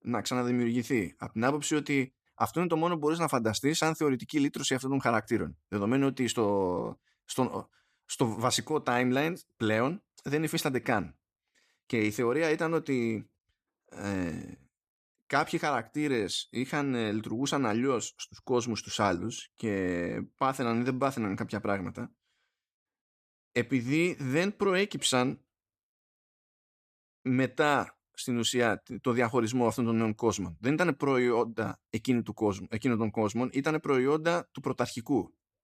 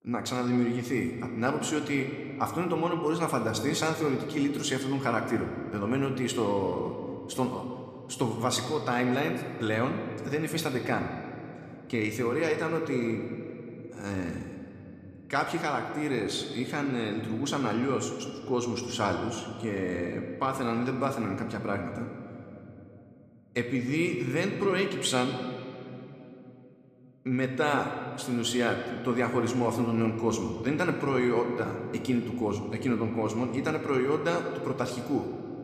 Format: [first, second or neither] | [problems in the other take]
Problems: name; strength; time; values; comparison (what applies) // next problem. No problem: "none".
first | room echo; slight; dies away in 2.3 s